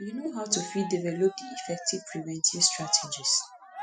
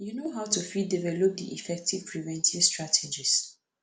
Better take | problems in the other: second | noise reduction (classical method spectral subtraction)

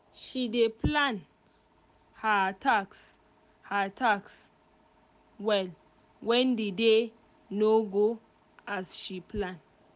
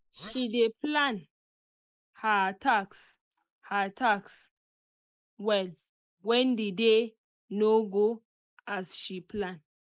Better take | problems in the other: first | noise reduction (neural mask model Resemble Enhance denoiser)

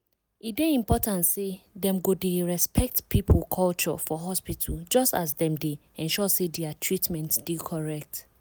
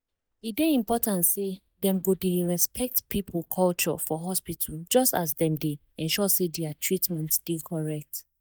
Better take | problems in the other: first | noise reduction (neural mask model DeepFilterNet 3)

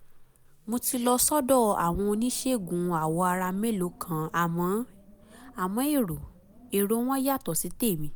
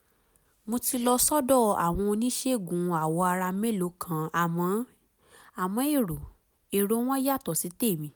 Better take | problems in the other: second | background sound (Wind); 17 dB below the speech

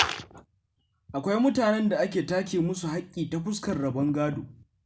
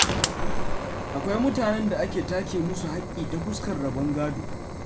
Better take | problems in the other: first | background sound (Fire); 1 dB below the speech

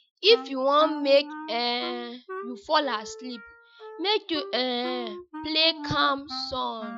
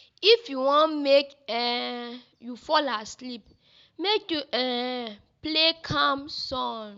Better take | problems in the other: second | noise reduction (classical method Wiener filter)

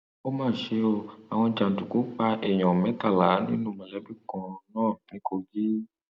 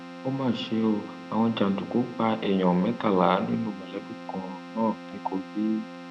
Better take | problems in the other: first | background sound (Keyboard (musical)); 14 dB below the speech

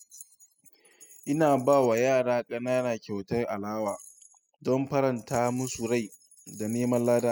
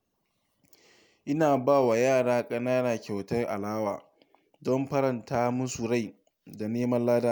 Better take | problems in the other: second | noise reduction (classical method spectral subtraction)

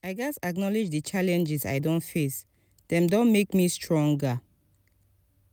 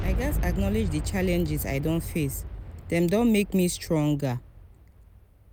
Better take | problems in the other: first | background sound (Boom); 5 dB below the speech

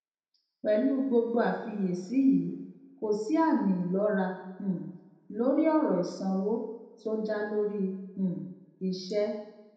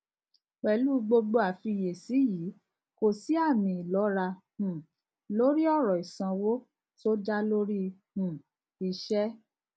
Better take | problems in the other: second | room echo; dies away in 0.8 s

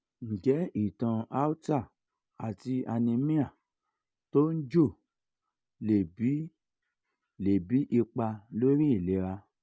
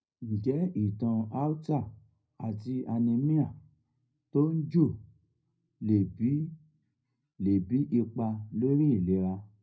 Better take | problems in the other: first | room echo; dies away in 0.4 s

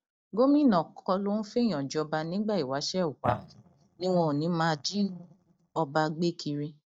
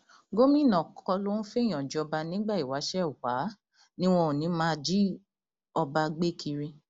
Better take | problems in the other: second | noise reduction (neural mask model DeepFilterNet 3)

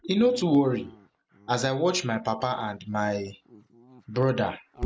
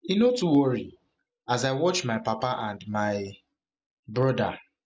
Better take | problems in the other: second | background sound (Dog); 17 dB below the speech

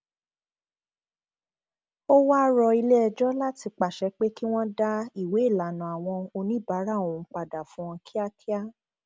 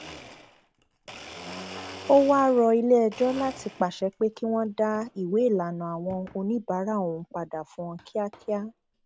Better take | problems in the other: first | background sound (Domestic sounds, home sounds); 19 dB below the speech

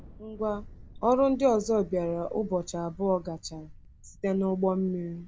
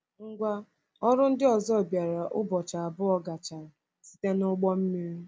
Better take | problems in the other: second | background sound (Thunder); 20 dB below the speech

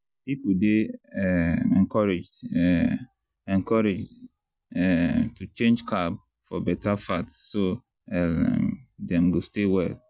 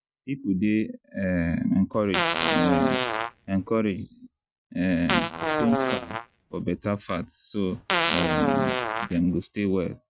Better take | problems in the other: first | noise reduction (neural mask model RNNoise)

